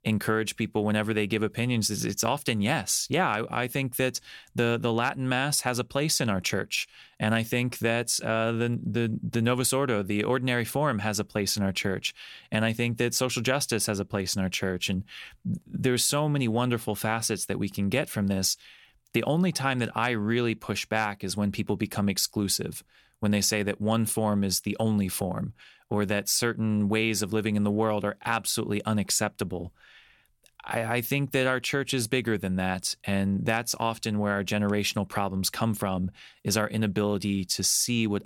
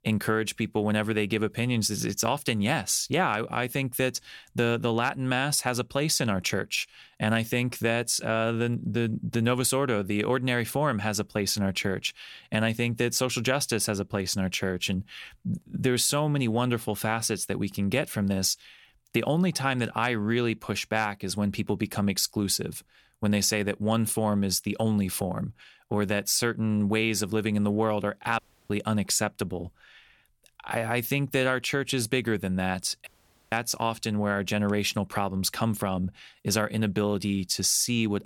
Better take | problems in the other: first | audio cutting out; at 28 s and at 33 s

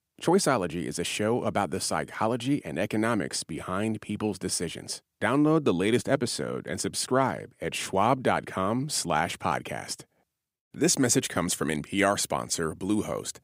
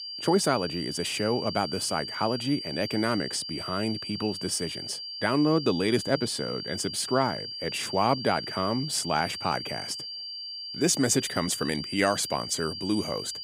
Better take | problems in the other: first | high-pitched whine; loud; throughout; 4.5 kHz, 7 dB below the speech

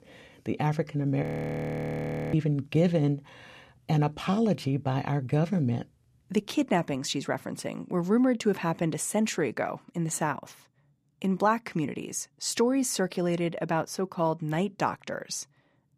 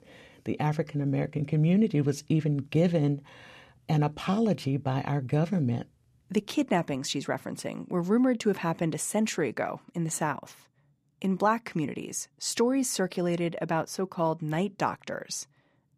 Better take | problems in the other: second | audio freezing; at 1 s for 1 s

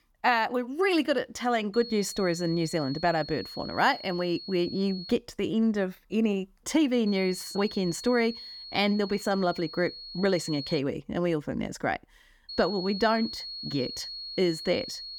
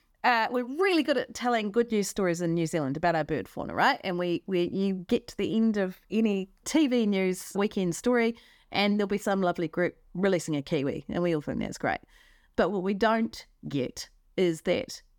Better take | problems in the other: second | high-pitched whine; noticeable; from 1.5 to 5 s, from 7 to 11 s and from 12 s on; 4.5 kHz, 10 dB below the speech

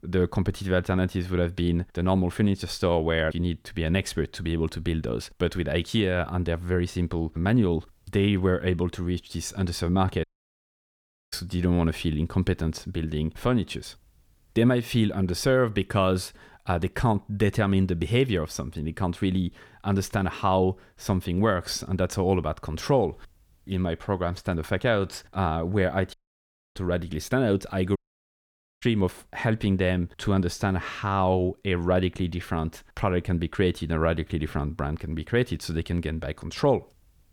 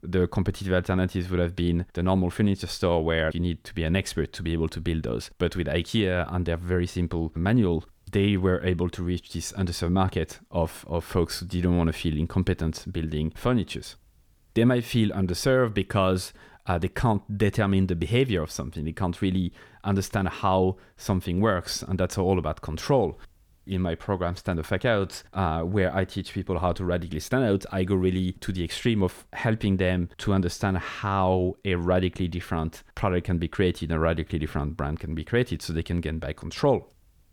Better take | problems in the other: second | audio cutting out; at 10 s for 1 s, at 26 s for 0.5 s and at 28 s for 1 s

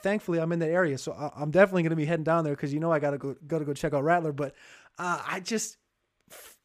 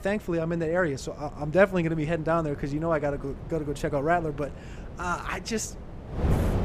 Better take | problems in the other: first | wind noise on the microphone; occasional gusts; 15 dB below the speech

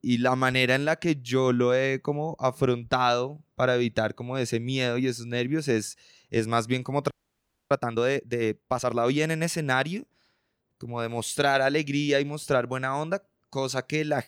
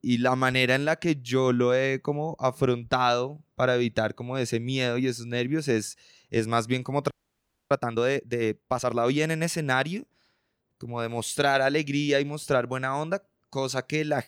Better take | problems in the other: neither | audio freezing; at 7 s for 0.5 s; the same in both

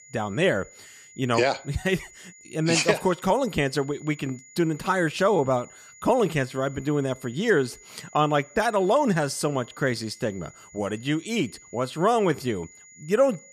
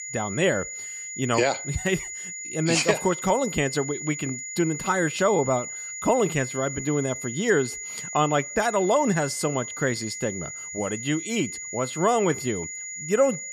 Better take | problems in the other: first | high-pitched whine; loud; throughout; 7 kHz, 7 dB below the speech; faint in the first

